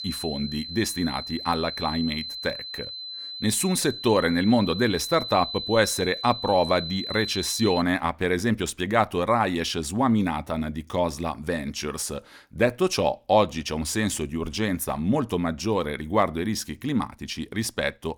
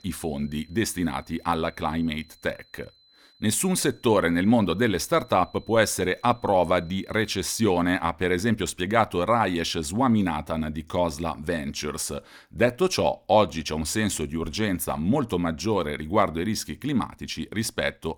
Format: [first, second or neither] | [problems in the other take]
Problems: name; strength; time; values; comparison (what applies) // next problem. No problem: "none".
second | high-pitched whine; loud; until 8 s; 4 kHz, 7 dB below the speech; faint in the second